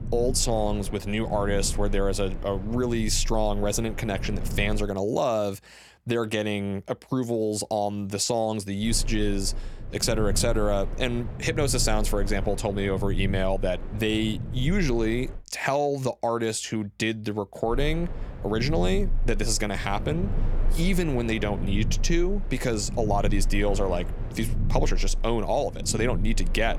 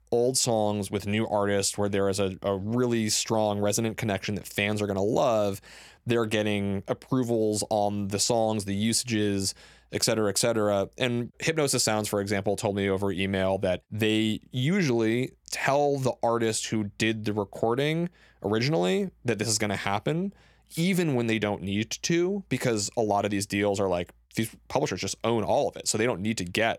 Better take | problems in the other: second | low rumble; noticeable; until 5 s, from 9 to 15 s and from 18 s on; 15 dB below the speech

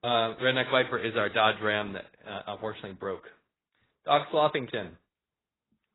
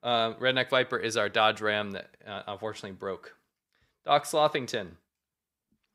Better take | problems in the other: second | garbled, watery; badly; nothing above 4 kHz

